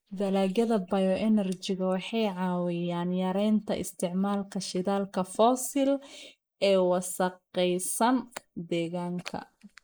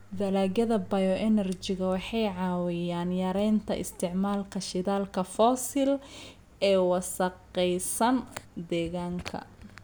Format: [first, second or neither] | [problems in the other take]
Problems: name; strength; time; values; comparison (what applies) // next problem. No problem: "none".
second | noise reduction (neural mask model Resemble Enhance denoiser)